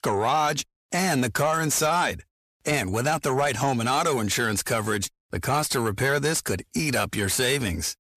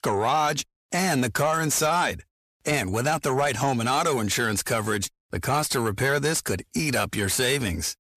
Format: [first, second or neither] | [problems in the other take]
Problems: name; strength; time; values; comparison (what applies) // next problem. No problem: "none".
neither | distortion; slight; 10 dB below the speech; the same in both